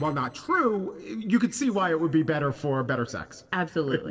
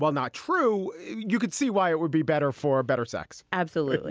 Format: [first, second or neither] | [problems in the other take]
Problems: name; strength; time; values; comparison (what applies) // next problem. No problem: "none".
second | noise reduction (neural separator model SepFormer DNS4)